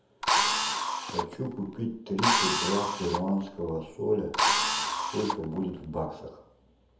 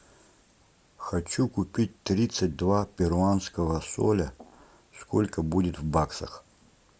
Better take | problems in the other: second | background sound (Drill); 3 dB above the speech // room echo; dies away in 0.7 s

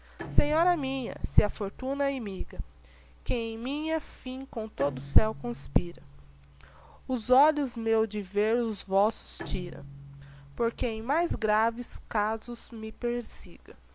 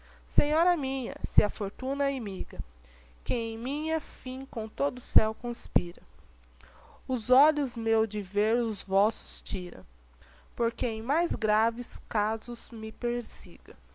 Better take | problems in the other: second | background sound (Bowed string instrument); 20 dB below the speech

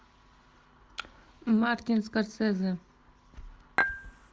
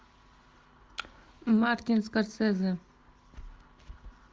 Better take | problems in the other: second | background sound (Dishes, pots, and pans / Chink, clink); 2 dB above the speech

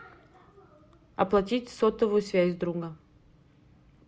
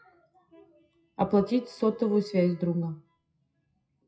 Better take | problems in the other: first | noise reduction (classical method WPE with log-MMSE)

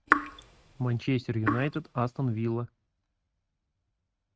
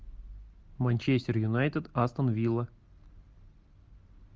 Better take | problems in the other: second | noise reduction (neural mask model RNNoise)

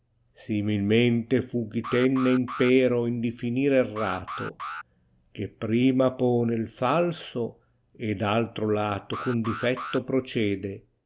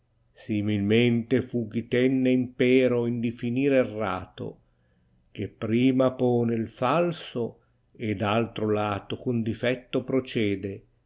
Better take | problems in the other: second | noise reduction (neural mask model Resemble Enhance denoiser)

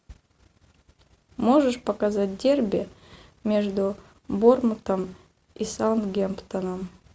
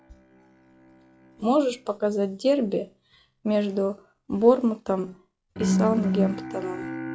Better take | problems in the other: first | noise reduction (classical method log-MMSE)

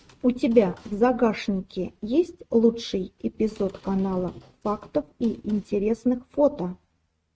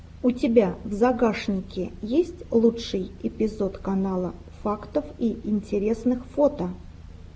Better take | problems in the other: second | noise reduction (neural mask model RNNoise)

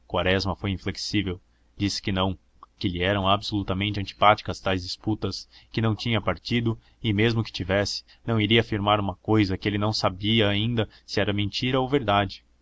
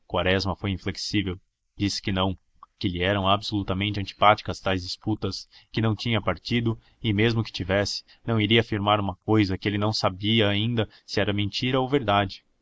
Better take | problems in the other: first | noise reduction (neural mask model Resemble Enhance denoiser)

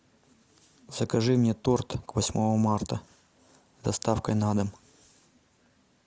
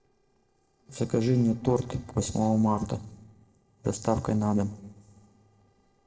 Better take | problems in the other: first | noise reduction (neural separator model SepFormer DNS4)

